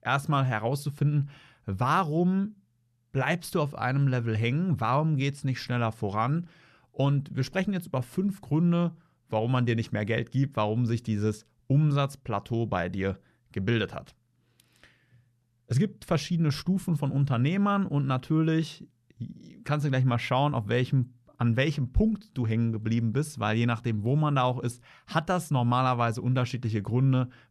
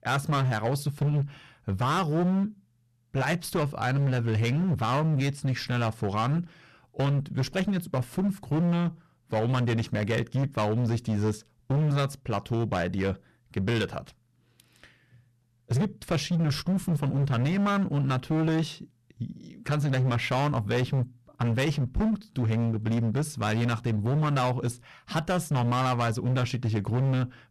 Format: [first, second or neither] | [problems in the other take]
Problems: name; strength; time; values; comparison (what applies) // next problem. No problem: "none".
first | distortion; slight; 18% of the sound clipped